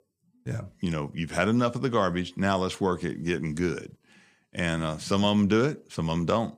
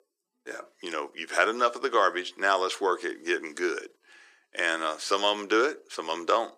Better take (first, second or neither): first